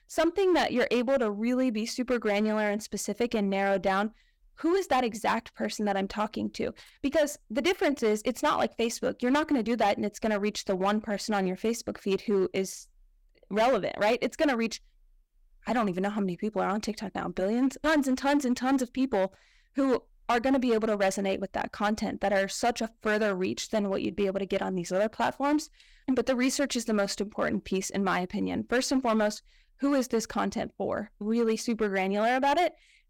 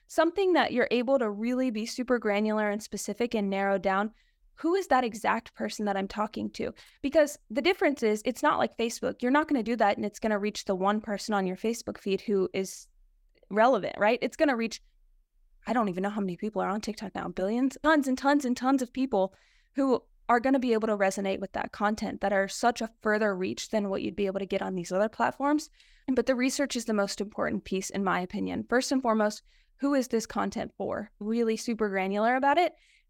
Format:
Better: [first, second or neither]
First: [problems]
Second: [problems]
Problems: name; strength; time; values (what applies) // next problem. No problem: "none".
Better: second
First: distortion; slight; 6% of the sound clipped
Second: none